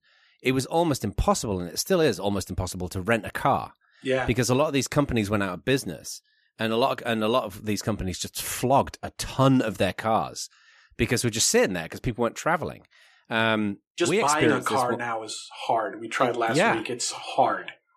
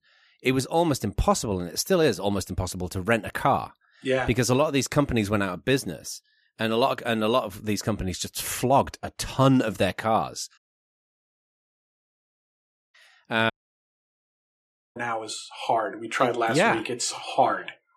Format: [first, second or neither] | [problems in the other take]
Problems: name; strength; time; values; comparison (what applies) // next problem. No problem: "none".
first | audio cutting out; at 11 s for 2.5 s and at 14 s for 1.5 s